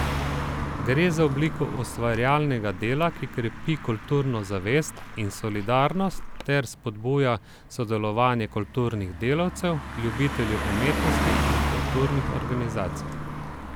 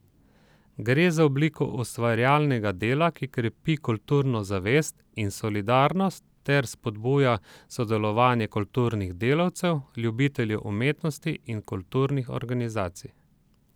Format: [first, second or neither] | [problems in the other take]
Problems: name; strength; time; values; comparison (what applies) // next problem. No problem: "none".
second | background sound (Car passing by); 4 dB below the speech